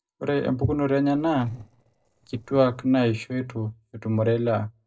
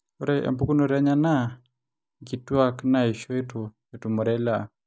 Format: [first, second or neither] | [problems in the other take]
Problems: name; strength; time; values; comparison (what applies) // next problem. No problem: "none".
second | noise reduction (neural separator model SepFormer DNS4)